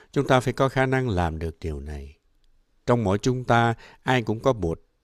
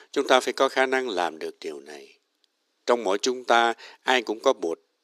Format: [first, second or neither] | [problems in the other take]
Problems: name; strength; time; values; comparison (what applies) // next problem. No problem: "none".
first | thin; somewhat; fading below 300 Hz